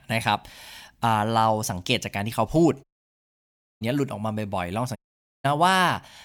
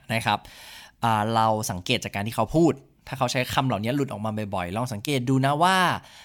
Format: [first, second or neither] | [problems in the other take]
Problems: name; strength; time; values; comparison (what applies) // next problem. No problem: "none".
second | audio cutting out; at 3 s for 1 s and at 5 s